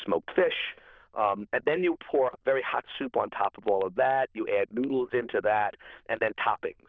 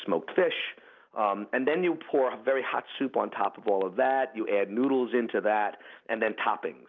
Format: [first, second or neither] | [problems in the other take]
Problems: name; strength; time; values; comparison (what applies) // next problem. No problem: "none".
second | noise reduction (neural diffusion model UNIVERSE++)